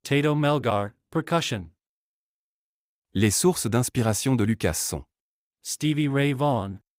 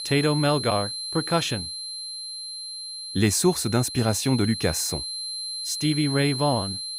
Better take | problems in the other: first | high-pitched whine; loud; throughout; 4 kHz, 6 dB below the speech

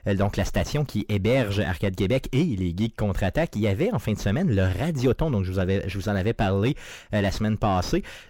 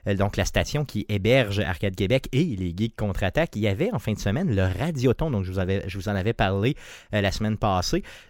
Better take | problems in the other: second | distortion; slight; 9 dB below the speech

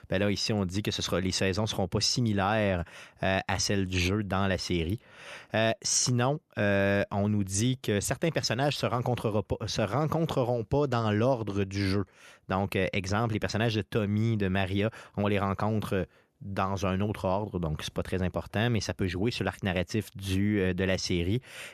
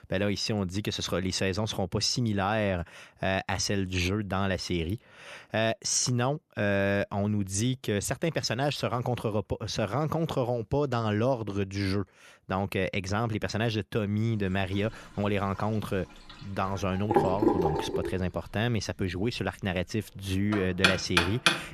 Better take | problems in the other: first | household noises; very loud; from 14 s on; 2 dB above the speech

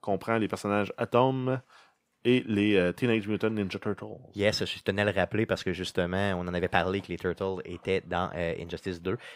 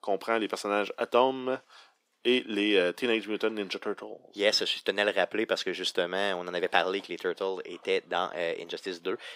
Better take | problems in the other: first | thin; somewhat; fading below 300 Hz

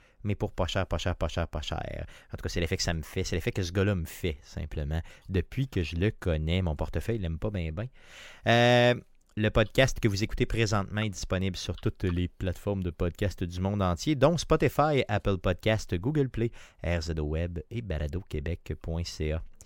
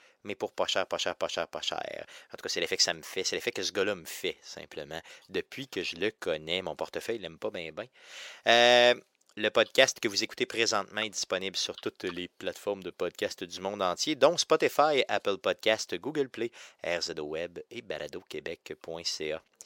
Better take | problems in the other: first | thin; very; fading below 450 Hz

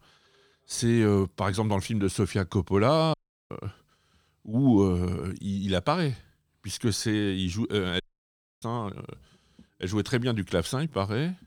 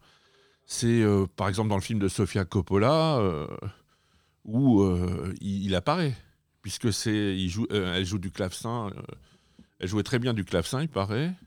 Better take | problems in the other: second | audio cutting out; at 3 s and at 8 s for 0.5 s

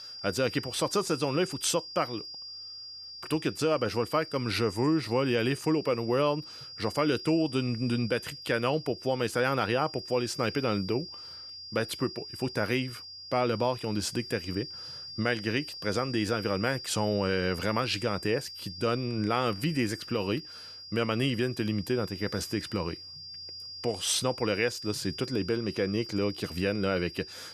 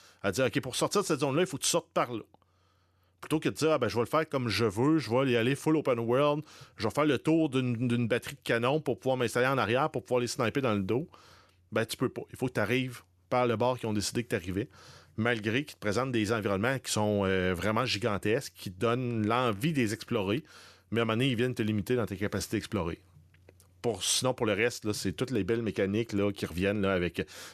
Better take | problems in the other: second | high-pitched whine; noticeable; throughout; 5 kHz, 10 dB below the speech

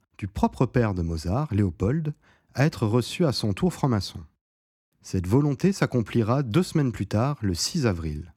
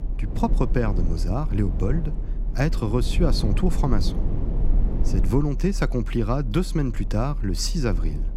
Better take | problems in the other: first | low rumble; noticeable; throughout; 10 dB below the speech

